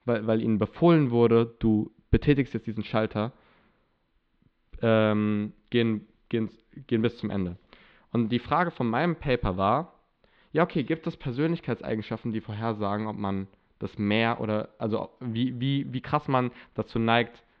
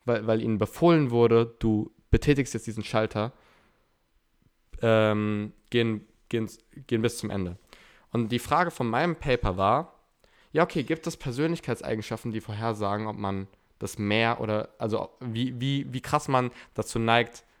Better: second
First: muffled; slightly; fading above 4 kHz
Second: none

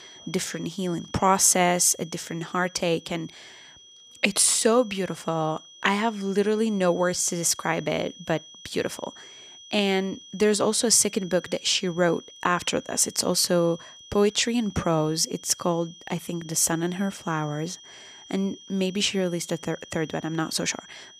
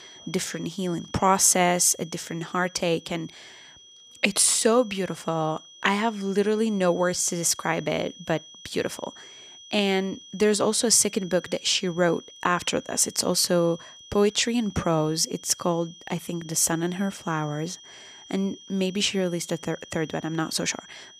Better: neither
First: high-pitched whine; faint; throughout; 3.5 kHz, 20 dB below the speech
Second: high-pitched whine; faint; throughout; 3.5 kHz, 20 dB below the speech

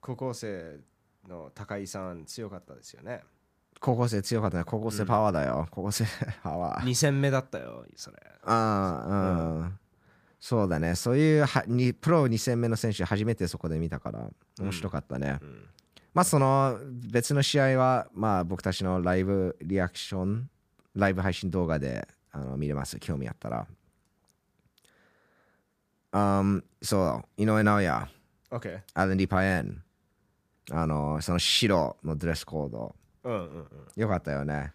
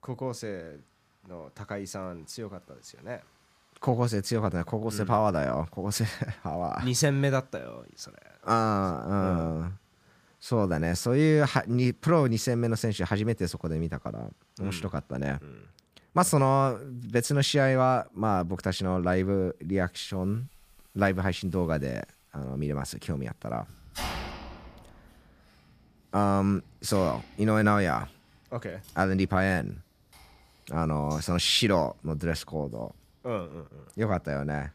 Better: first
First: none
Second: household noises; noticeable; throughout; 20 dB below the speech

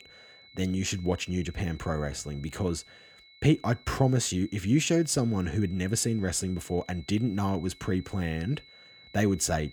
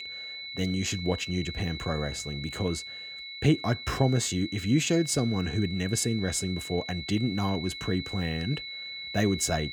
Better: first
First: high-pitched whine; faint; throughout; 4 kHz, 25 dB below the speech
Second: high-pitched whine; loud; throughout; 4 kHz, 8 dB below the speech

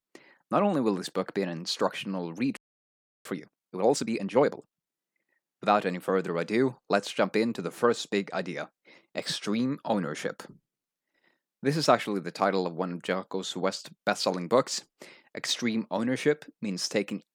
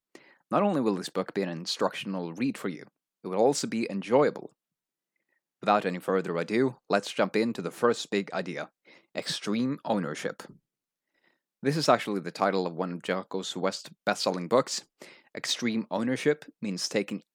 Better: second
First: audio freezing; at 2.5 s for 0.5 s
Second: none

